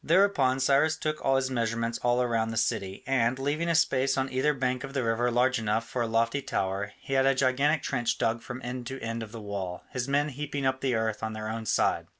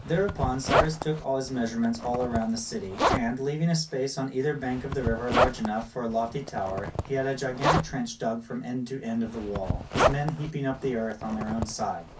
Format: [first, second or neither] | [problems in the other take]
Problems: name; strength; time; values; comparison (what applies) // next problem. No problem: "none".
first | background sound (Zipper (clothing)); 2 dB below the speech // room echo; dies away in 0.3 s